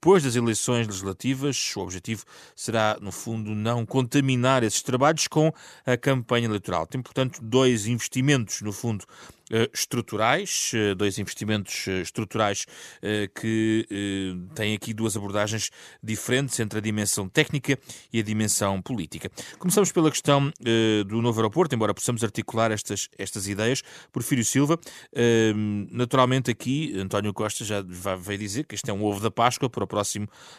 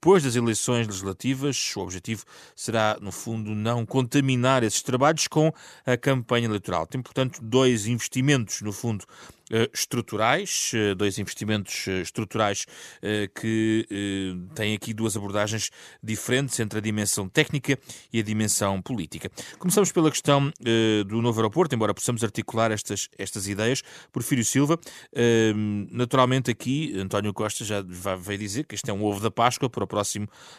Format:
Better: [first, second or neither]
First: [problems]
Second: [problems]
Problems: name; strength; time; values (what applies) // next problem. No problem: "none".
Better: neither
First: none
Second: none